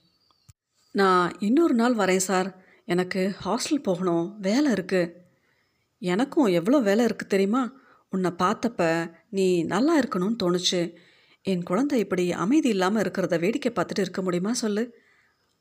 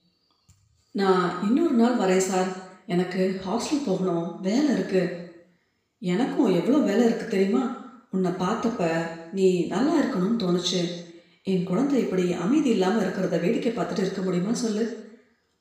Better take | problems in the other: first | room echo; noticeable; dies away in 0.8 s // off-mic speech; far

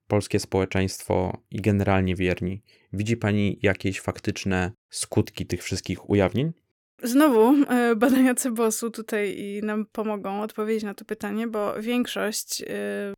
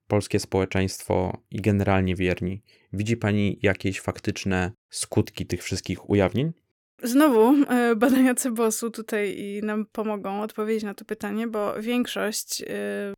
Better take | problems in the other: neither | none

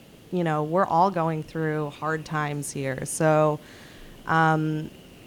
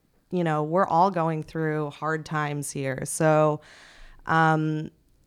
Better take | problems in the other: second | hiss; faint; throughout; 25 dB below the speech

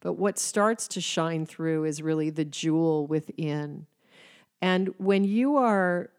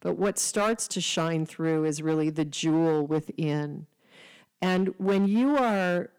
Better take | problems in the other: first | distortion; slight; 8% of the sound clipped

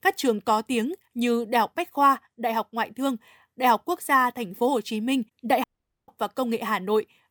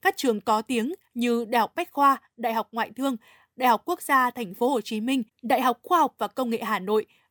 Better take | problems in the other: second | audio cutting out; at 5.5 s

